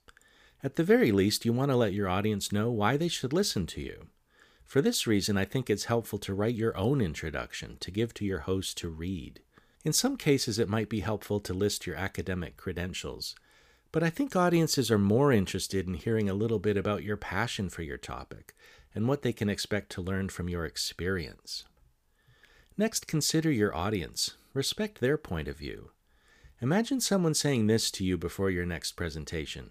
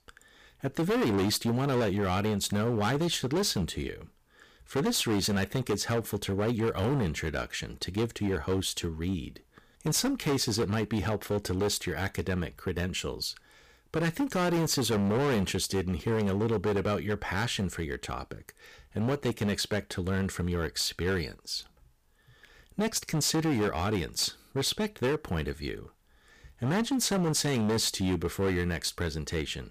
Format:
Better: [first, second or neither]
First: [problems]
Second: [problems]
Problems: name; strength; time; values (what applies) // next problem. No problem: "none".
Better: first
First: none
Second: distortion; heavy; 14% of the sound clipped